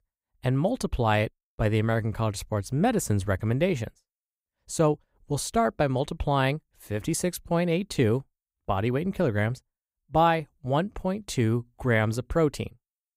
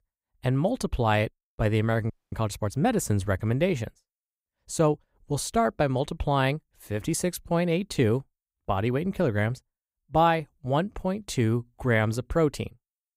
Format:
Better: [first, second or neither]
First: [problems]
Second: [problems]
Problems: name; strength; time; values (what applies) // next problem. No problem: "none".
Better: first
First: none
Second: audio freezing; at 2 s